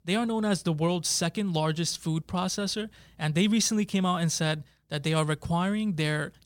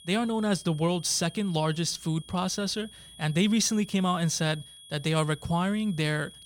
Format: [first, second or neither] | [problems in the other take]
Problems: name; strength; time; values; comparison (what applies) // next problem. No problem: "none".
first | high-pitched whine; noticeable; throughout; 3.5 kHz, 20 dB below the speech